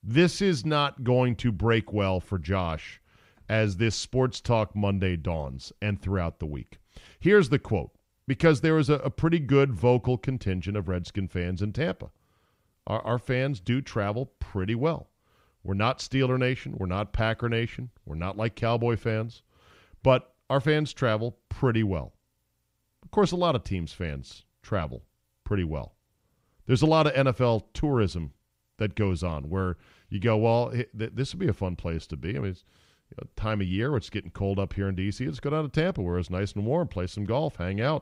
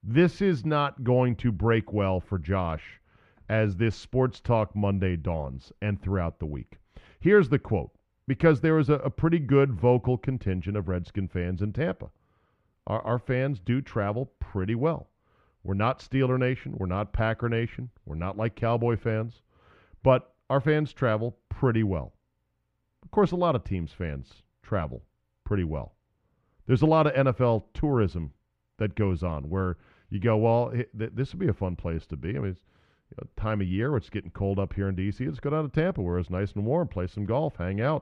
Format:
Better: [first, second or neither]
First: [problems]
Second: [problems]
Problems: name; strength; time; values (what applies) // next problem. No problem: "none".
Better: first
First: none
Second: muffled; slightly; fading above 3.5 kHz